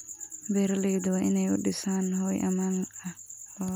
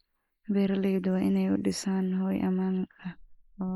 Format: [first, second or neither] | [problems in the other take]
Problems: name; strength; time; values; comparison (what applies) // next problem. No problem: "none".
first | noise reduction (neural mask model Resemble Enhance denoiser)